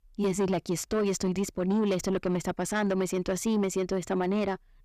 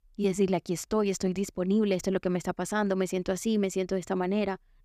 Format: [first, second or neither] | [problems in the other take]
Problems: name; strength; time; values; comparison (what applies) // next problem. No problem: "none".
second | distortion; slight; 10 dB below the speech